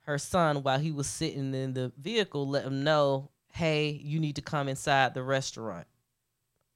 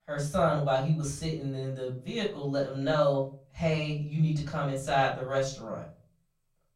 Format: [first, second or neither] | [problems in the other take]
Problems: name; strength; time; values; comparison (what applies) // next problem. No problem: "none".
first | off-mic speech; far // room echo; slight; dies away in 0.4 s